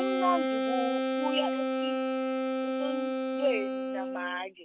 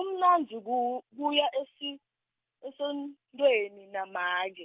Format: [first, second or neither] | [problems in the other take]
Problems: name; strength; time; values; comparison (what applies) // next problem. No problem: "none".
second | background sound (Wind instrument, woodwind instrument); 5 dB above the speech